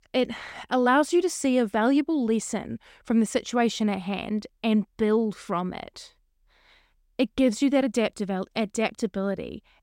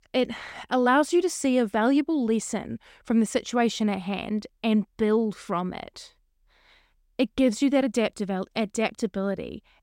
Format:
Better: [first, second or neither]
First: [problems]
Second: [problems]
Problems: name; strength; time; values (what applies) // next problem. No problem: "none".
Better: neither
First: none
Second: none